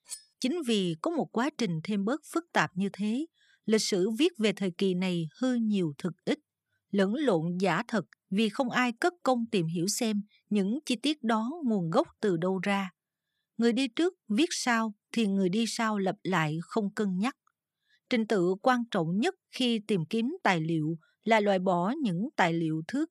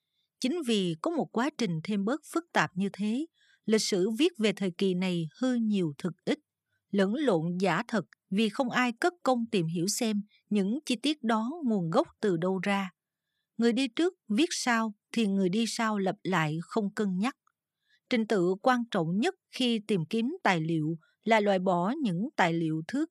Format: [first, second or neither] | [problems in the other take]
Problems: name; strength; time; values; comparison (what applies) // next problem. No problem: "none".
second | clattering dishes; faint; at the start; peak 15 dB below the speech